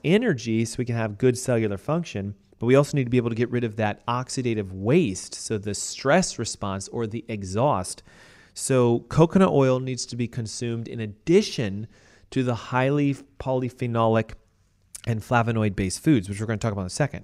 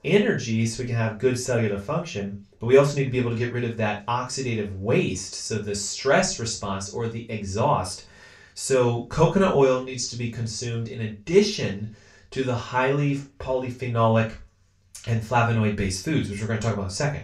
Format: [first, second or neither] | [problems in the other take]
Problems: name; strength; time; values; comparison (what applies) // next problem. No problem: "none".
first | room echo; noticeable; dies away in 0.2 s // off-mic speech; far